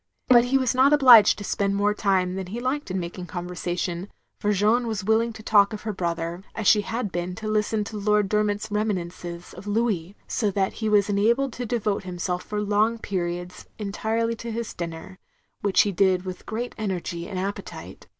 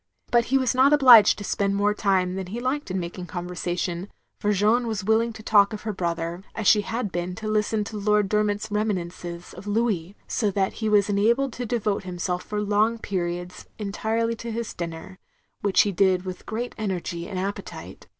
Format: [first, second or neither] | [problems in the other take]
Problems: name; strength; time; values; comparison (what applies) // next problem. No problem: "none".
second | background sound (Bowed string instrument); 4 dB below the speech